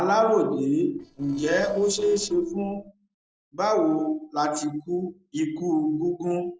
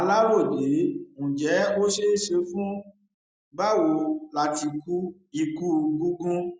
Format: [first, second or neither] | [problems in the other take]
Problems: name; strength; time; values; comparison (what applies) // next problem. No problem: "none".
second | noise reduction (neural separator model SepFormer DNS4)